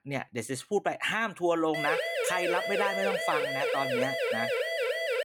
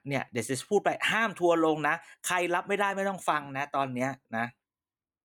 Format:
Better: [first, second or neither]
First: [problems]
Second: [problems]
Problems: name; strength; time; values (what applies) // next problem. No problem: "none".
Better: second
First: siren; loud; from 1.5 s on; peak 2 dB above the speech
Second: none